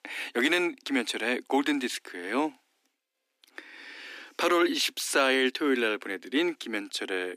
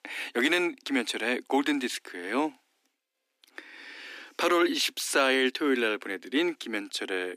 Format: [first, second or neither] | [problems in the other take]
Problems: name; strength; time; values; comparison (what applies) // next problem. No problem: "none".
neither | thin; somewhat; fading below 250 Hz; the same in both